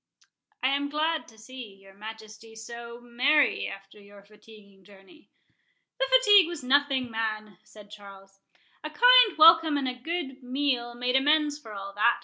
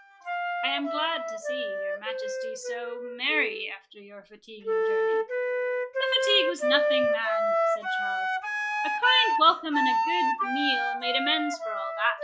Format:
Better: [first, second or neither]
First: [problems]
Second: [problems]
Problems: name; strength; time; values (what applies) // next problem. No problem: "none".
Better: first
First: none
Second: noise reduction (classical method log-MMSE)